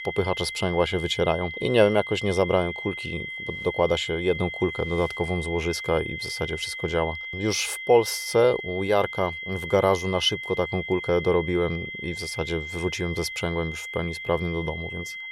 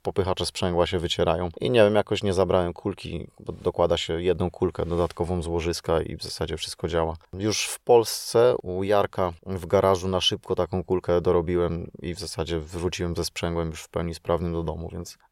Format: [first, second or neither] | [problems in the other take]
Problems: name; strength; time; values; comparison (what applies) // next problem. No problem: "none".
second | high-pitched whine; loud; throughout; 2 kHz, 7 dB below the speech